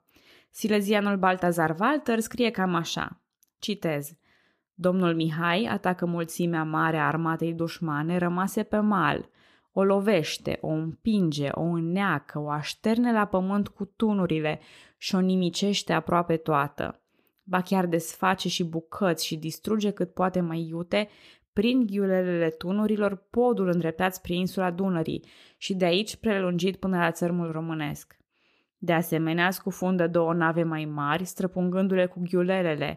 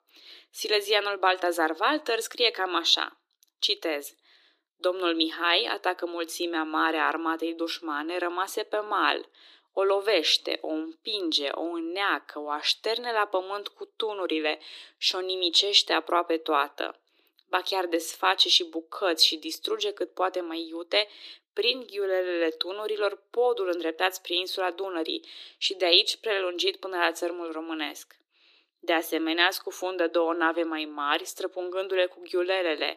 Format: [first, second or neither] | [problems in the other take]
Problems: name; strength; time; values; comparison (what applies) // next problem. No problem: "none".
first | thin; very; fading below 300 Hz